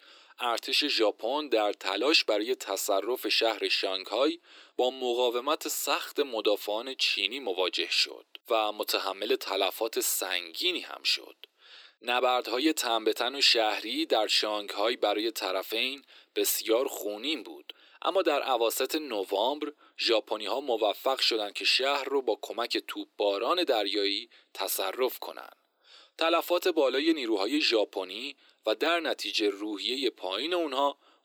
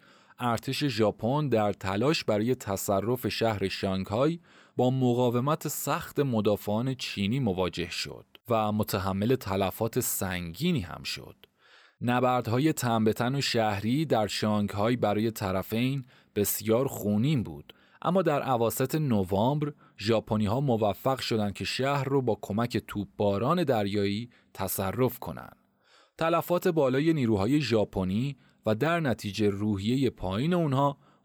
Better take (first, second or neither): second